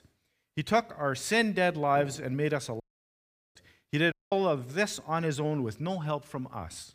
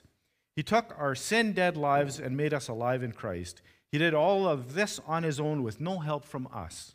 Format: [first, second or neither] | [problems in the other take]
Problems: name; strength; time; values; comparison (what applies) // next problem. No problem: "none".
second | audio cutting out; at 3 s for 1 s and at 4 s